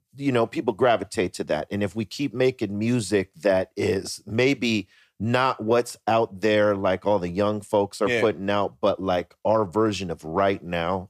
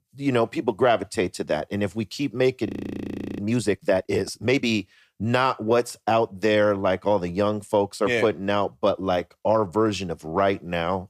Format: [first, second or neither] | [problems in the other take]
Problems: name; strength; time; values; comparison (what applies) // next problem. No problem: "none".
first | audio freezing; at 2.5 s for 0.5 s